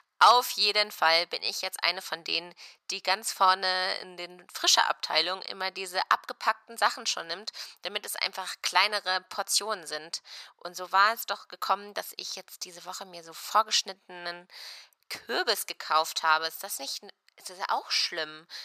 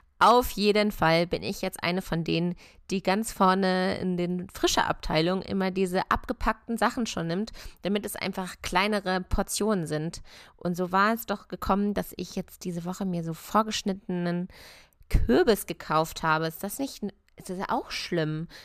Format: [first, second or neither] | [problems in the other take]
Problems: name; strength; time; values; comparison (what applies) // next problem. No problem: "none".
second | thin; very; fading below 900 Hz